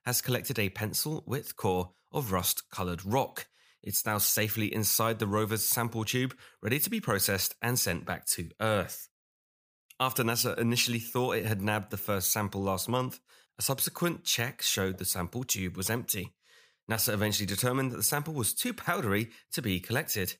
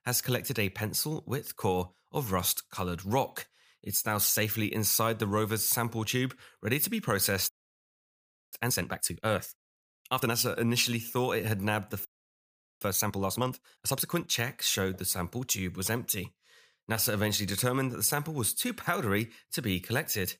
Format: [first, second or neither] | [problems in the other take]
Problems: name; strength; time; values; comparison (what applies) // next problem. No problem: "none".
first | audio freezing; at 7.5 s for 1 s and at 12 s for 1 s